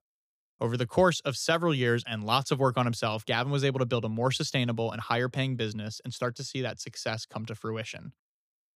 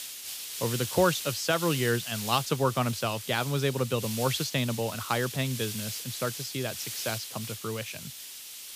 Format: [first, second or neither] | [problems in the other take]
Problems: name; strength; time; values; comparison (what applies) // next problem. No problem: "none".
first | hiss; loud; throughout; 6 dB below the speech